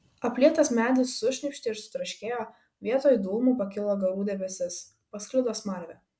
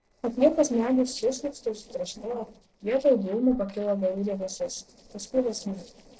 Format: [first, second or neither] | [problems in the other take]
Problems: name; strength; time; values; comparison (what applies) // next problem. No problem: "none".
first | noise reduction (neural separator model SepFormer DNS4)